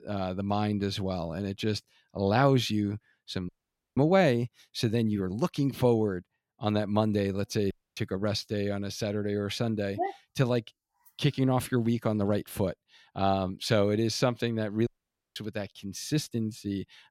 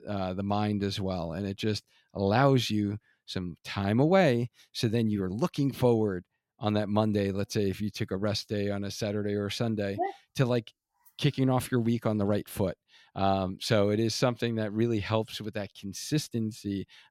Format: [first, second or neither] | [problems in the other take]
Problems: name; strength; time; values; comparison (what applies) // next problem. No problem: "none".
second | audio cutting out; at 3.5 s, at 7.5 s and at 15 s